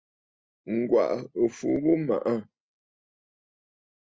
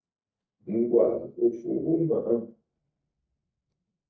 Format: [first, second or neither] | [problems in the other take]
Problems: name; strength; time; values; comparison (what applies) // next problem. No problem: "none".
first | noise reduction (neural mask model DeepFilterNet 3)